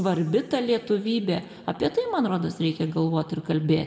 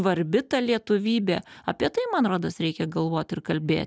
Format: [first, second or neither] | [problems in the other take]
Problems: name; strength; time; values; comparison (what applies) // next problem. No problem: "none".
second | room echo; dies away in 1.2 s